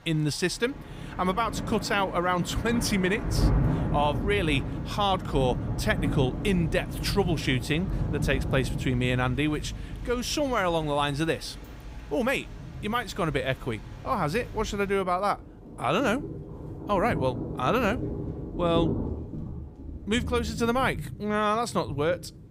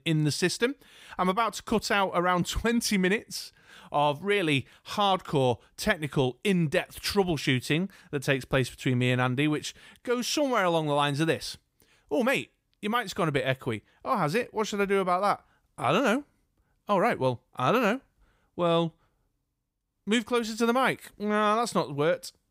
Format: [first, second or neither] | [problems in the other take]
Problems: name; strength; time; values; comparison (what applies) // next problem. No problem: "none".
second | rain or running water; loud; throughout; 6 dB below the speech